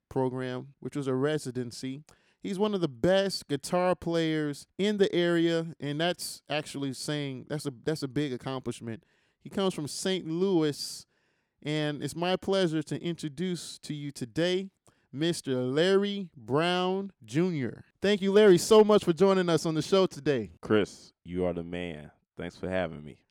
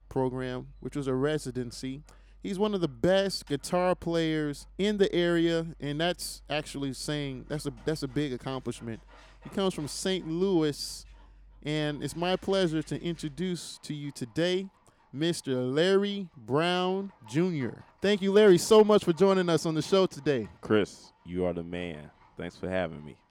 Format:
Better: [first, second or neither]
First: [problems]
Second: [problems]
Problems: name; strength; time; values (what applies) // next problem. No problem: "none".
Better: first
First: none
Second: animal sounds; faint; throughout; 30 dB below the speech